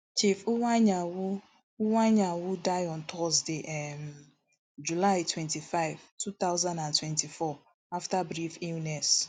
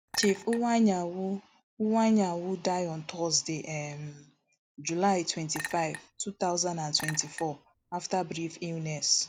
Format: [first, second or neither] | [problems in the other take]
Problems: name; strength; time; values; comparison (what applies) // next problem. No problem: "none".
first | background sound (Chink, clink); 13 dB below the speech